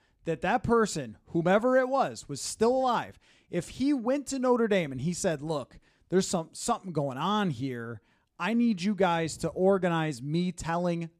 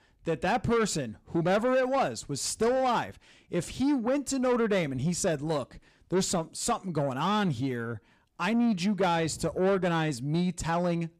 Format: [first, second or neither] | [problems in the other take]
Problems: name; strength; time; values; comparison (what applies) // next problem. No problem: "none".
first | distortion; slight; 10 dB below the speech